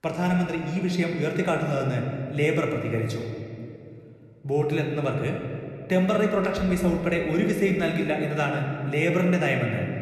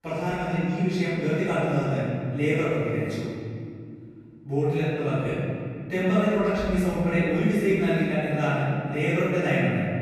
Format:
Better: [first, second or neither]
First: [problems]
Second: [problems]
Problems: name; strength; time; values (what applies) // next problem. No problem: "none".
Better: first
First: room echo; slight; dies away in 2.1 s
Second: room echo; strong; dies away in 2.3 s // off-mic speech; far